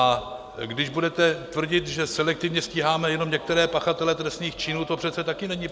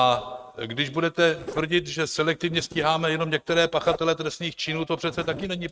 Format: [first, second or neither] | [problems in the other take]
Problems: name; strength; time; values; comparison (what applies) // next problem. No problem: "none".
first | noise reduction (neural mask model RNNoise)